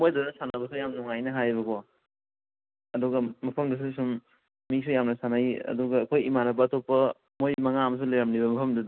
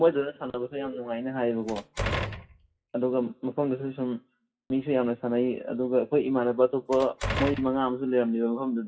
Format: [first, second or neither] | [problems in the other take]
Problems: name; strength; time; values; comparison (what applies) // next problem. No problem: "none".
first | noise reduction (classical method WPE with log-MMSE)